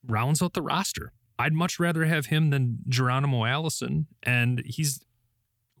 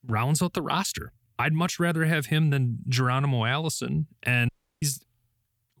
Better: first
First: none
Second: audio cutting out; at 4.5 s

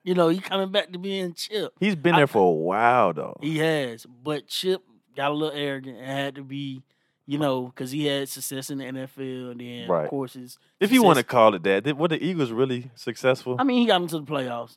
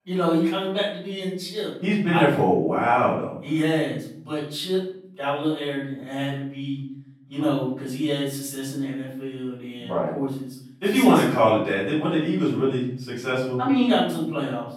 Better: first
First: none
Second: off-mic speech; far // room echo; noticeable; dies away in 0.6 s

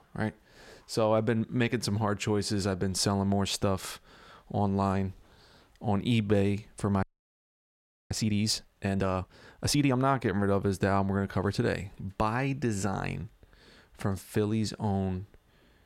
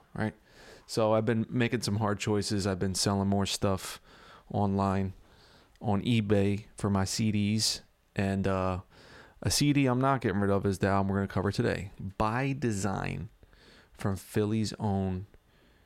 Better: second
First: audio freezing; at 7 s for 1 s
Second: none

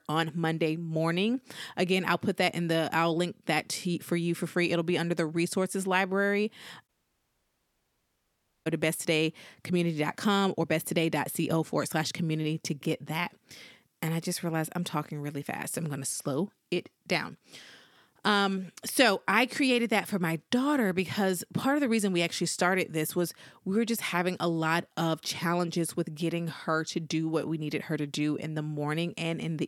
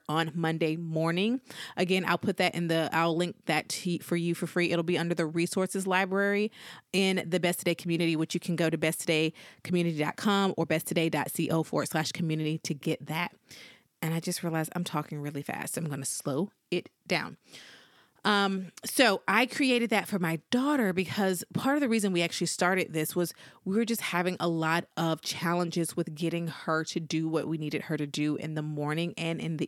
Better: second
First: audio cutting out; at 7 s for 2 s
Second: none

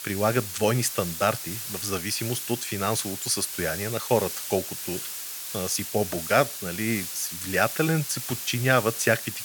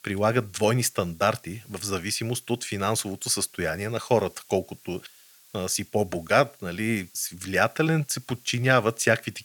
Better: second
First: hiss; loud; throughout; 6 dB below the speech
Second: hiss; faint; throughout; 25 dB below the speech

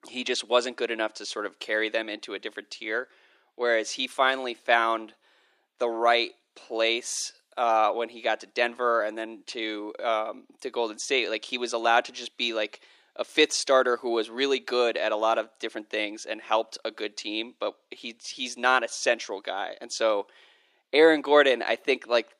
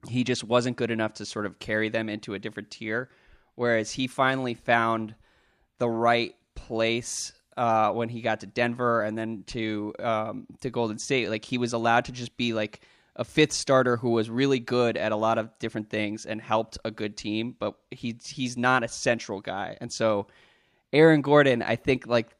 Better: second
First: thin; somewhat; fading below 350 Hz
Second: none

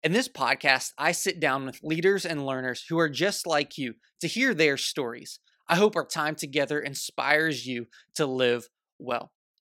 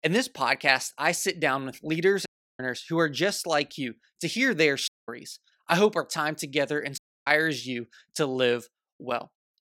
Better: first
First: none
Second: audio cutting out; at 2.5 s, at 5 s and at 7 s

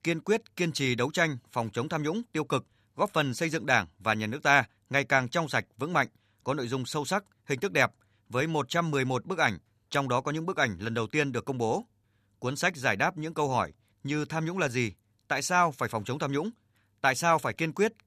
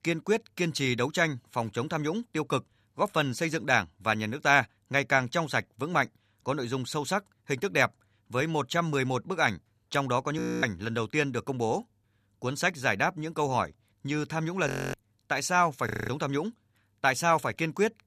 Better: first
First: none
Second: audio freezing; at 10 s, at 15 s and at 16 s

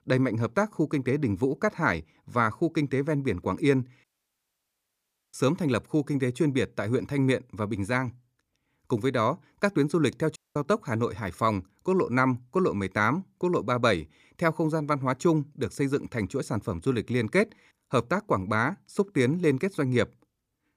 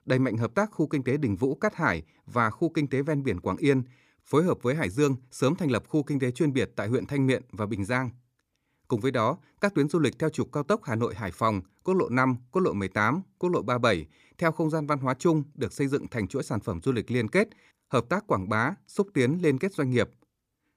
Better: second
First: audio cutting out; at 4 s for 1.5 s and at 10 s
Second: none

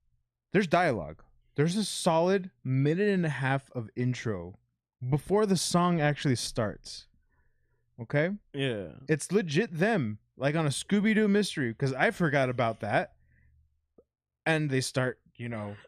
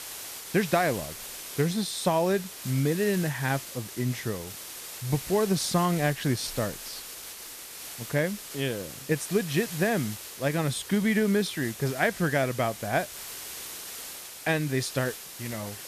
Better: first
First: none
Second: hiss; noticeable; throughout; 10 dB below the speech

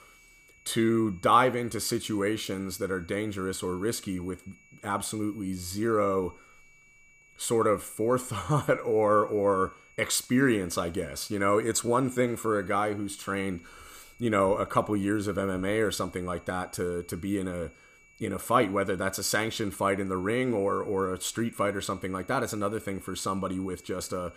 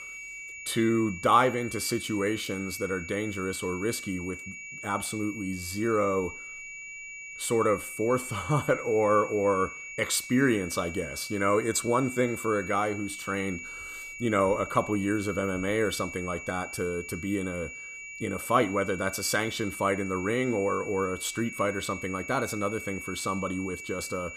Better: first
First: high-pitched whine; faint; throughout; 2.5 kHz, 25 dB below the speech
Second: high-pitched whine; loud; throughout; 2.5 kHz, 10 dB below the speech

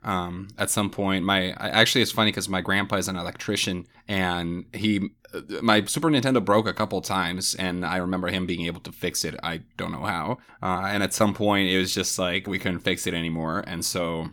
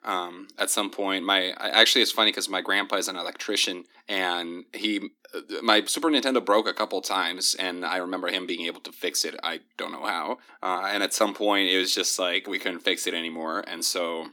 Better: first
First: none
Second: thin; somewhat; fading below 250 Hz

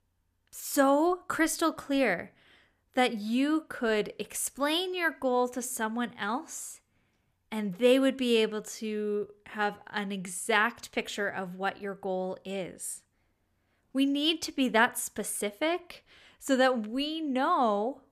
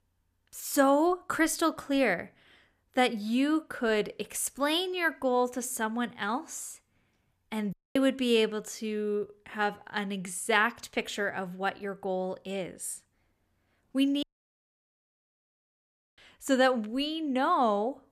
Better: first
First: none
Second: audio cutting out; at 7.5 s and at 14 s for 2 s

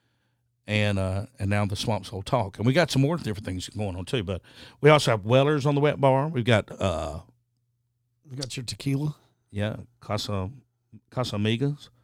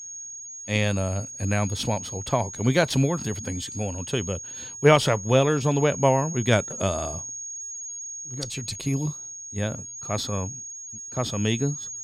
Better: first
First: none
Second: high-pitched whine; loud; throughout; 6.5 kHz, 9 dB below the speech

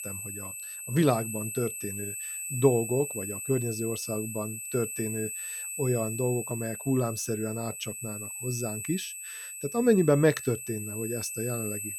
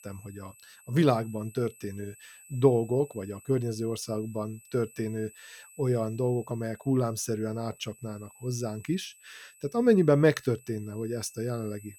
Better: second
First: high-pitched whine; loud; throughout; 8 kHz, 6 dB below the speech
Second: high-pitched whine; faint; throughout; 8 kHz, 25 dB below the speech

